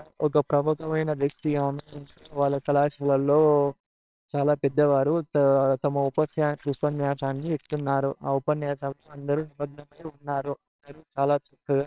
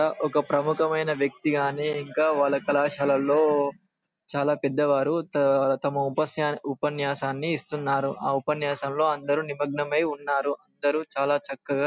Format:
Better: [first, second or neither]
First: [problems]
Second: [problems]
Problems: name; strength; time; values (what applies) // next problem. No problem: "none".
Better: second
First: noise reduction (neural separator model SepFormer WHAMR!)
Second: none